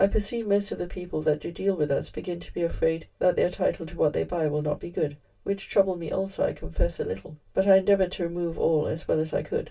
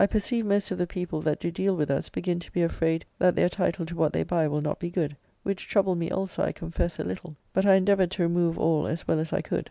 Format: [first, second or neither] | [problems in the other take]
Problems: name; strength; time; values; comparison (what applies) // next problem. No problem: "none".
second | room echo; dies away in 0.1 s